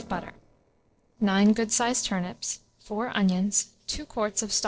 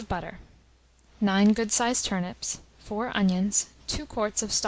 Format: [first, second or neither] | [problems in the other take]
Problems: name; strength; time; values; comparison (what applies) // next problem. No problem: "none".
second | noise reduction (neural separator model SepFormer DNS4)